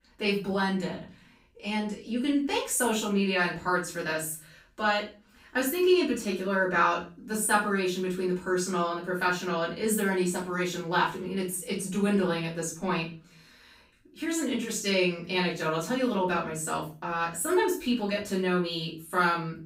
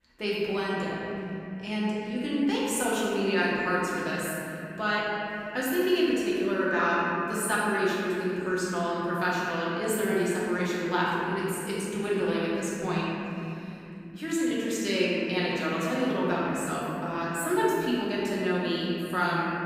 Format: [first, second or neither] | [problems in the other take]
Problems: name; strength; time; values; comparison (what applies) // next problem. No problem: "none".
first | room echo; strong; dies away in 3 s; slight in the first // off-mic speech; far; far in the first